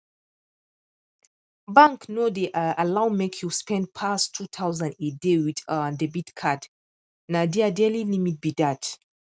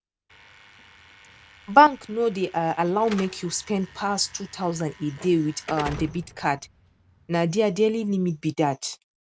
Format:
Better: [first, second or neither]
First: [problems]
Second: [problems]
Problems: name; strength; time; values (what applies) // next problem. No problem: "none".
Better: first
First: none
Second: background sound (Slam / Alarm); 18 dB below the speech